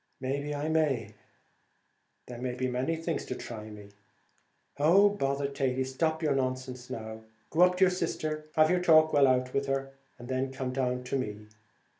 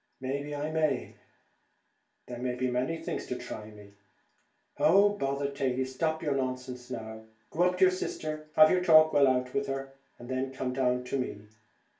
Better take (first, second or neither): first